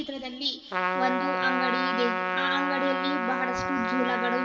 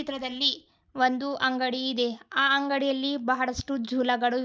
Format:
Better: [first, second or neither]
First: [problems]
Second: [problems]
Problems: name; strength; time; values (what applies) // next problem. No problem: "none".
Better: second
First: background sound (Trumpet); 1 dB above the speech // room echo; dies away in 2.2 s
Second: none